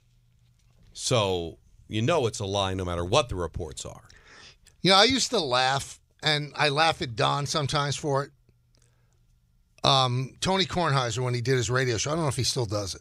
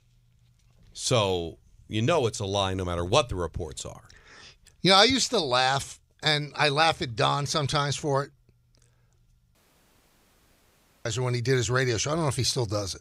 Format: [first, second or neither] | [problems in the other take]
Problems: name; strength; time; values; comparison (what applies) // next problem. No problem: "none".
first | audio cutting out; at 9.5 s for 1.5 s